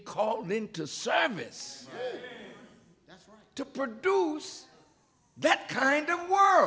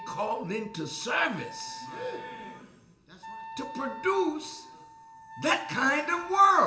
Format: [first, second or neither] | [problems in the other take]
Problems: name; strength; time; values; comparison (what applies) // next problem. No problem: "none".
first | background sound (Wind instrument, woodwind instrument); 15 dB below the speech // room echo; dies away in 0.5 s